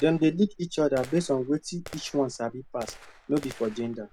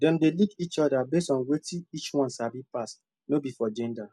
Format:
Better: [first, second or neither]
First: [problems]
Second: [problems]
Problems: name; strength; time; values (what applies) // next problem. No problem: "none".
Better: second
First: background sound (Gunshot, gunfire); 19 dB below the speech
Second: none